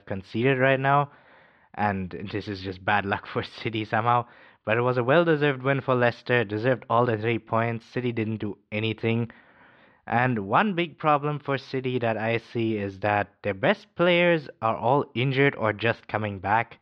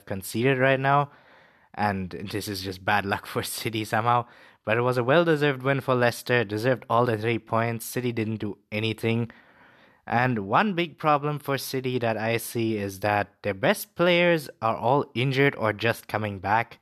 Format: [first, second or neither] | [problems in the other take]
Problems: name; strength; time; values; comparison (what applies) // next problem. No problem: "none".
second | muffled; slightly; fading above 3.5 kHz